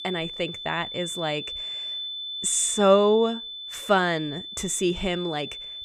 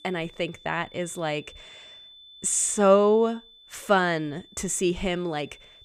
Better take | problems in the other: second | high-pitched whine; loud; throughout; 3.5 kHz, 8 dB below the speech; faint in the second

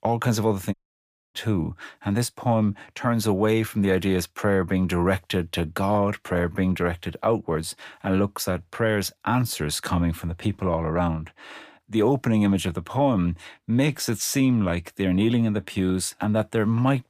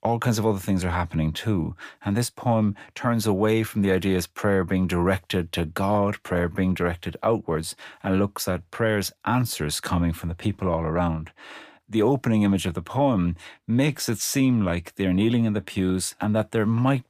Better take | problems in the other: second | audio cutting out; at 0.5 s for 0.5 s

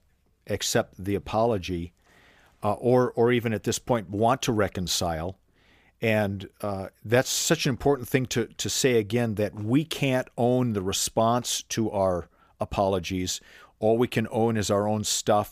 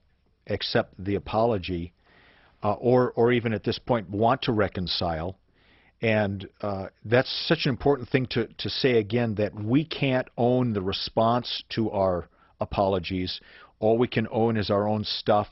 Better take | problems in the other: first | garbled, watery; badly; nothing above 5.5 kHz

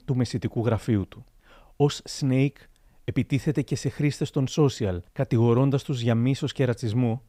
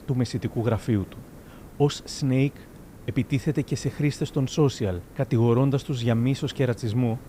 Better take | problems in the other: first | hiss; faint; throughout; 20 dB below the speech

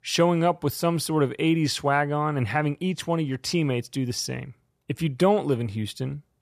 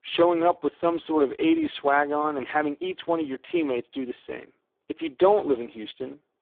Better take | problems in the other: first | phone-call audio; poor line

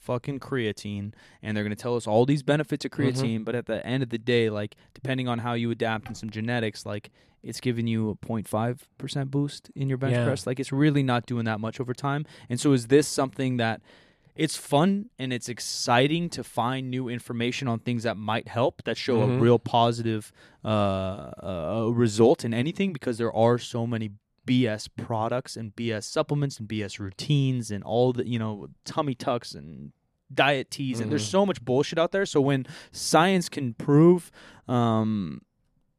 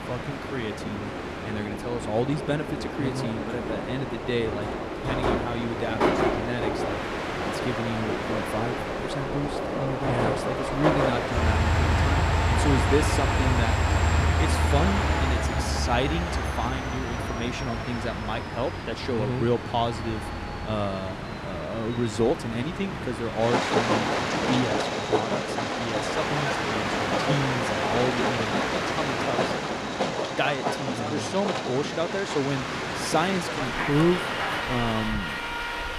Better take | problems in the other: first | train or aircraft noise; very loud; throughout; 3 dB above the speech

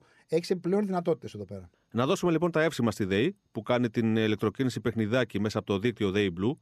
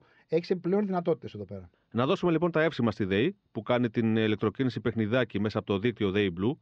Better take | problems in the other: first | muffled; very slightly; fading above 4.5 kHz

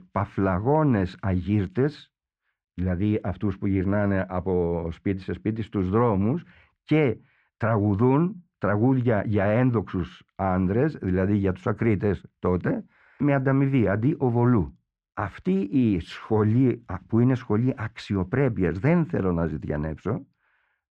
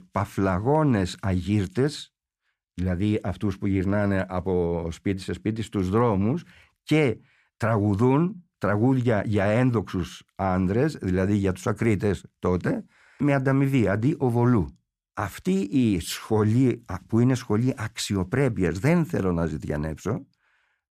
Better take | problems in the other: second | muffled; slightly; fading above 2.5 kHz

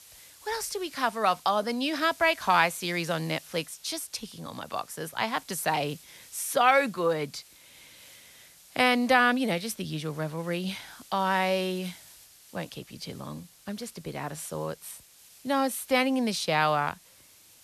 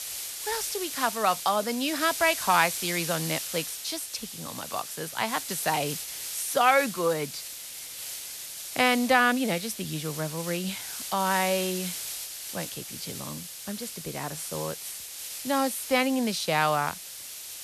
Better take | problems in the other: first | hiss; loud; throughout; 7 dB below the speech; faint in the first

